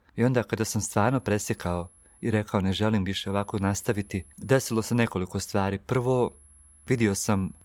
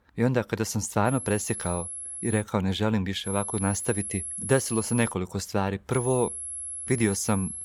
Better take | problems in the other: first | high-pitched whine; loud; from 1 to 2.5 s, from 3.5 to 5 s and from 6 s on; 11 kHz, 6 dB below the speech; faint in the first

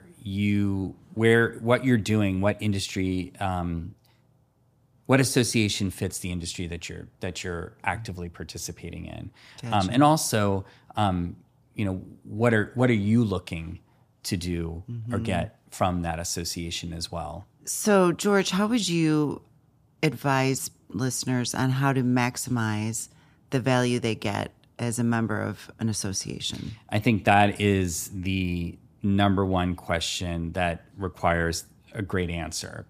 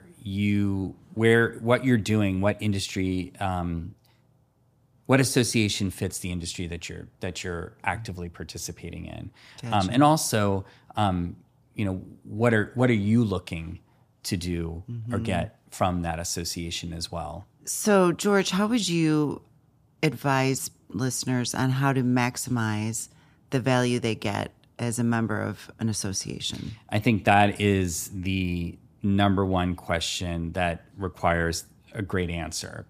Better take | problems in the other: neither | none

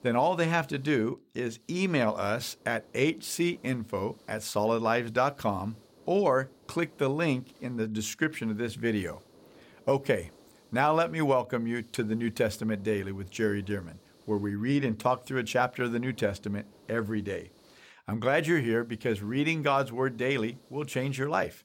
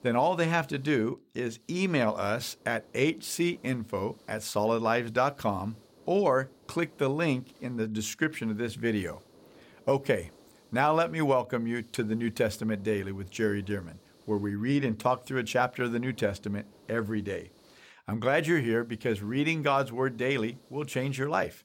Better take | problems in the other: neither | hiss; faint; throughout; 30 dB below the speech; the same in both

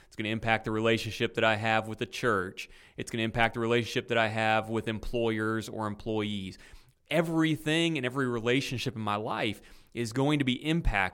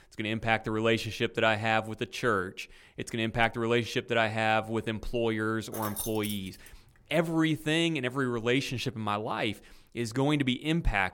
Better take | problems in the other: first | jangling keys; noticeable; at 5.5 s; peak 6 dB below the speech

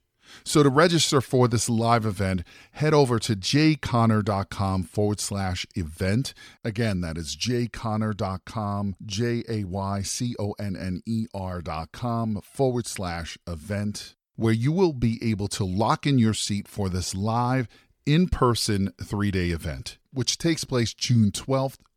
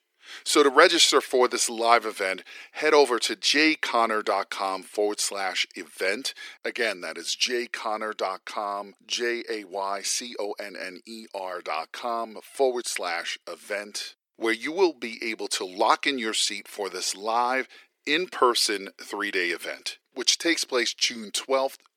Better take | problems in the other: first | thin; very; fading below 350 Hz

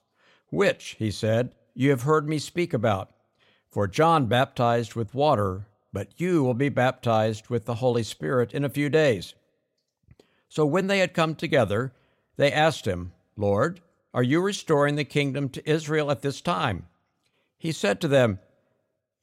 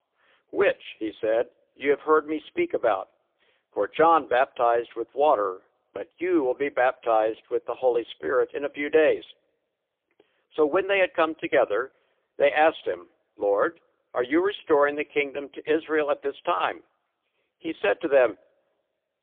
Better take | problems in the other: first | phone-call audio; poor line; nothing above 3.5 kHz

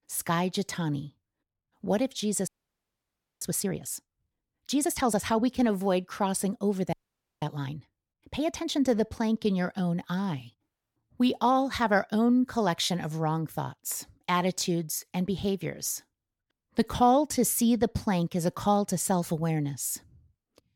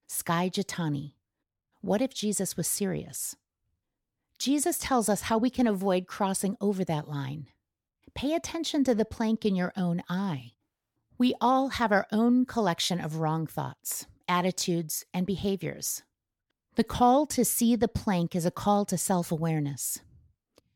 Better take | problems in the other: second | audio freezing; at 2.5 s for 1 s and at 7 s

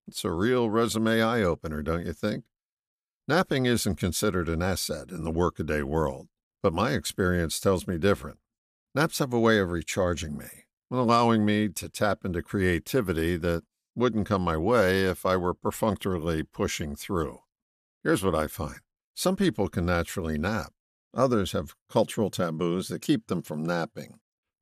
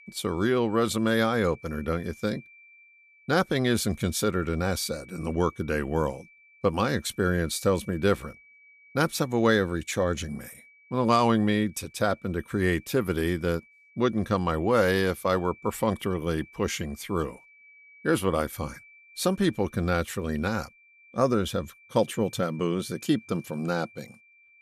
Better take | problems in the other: first | high-pitched whine; faint; throughout; 2.5 kHz, 25 dB below the speech

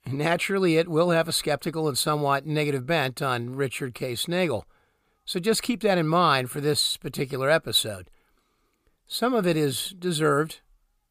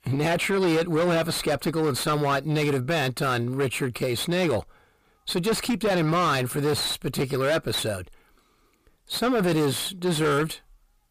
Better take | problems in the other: first | distortion; heavy; 6 dB below the speech

